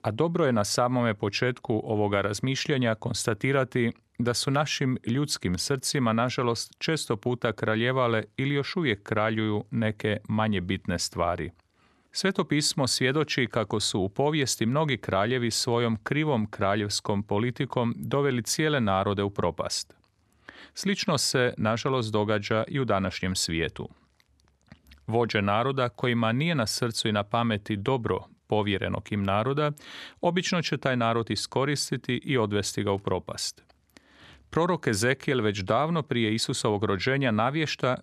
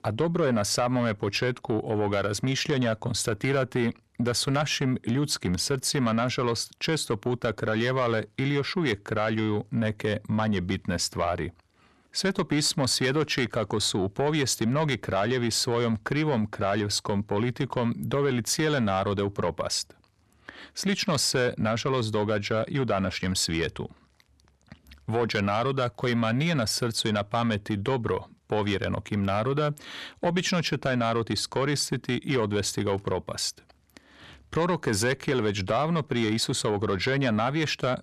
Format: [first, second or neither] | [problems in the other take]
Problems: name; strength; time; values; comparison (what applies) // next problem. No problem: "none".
first | distortion; slight; 10 dB below the speech